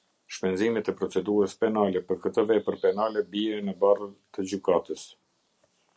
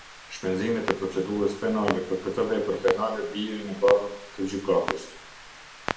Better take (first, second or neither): first